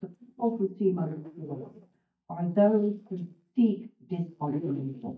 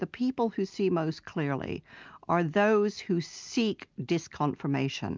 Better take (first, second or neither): second